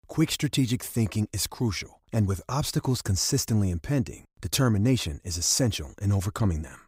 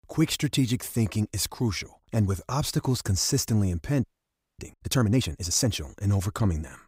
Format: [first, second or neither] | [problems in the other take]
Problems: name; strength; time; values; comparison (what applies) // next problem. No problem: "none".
first | audio freezing; at 4 s for 0.5 s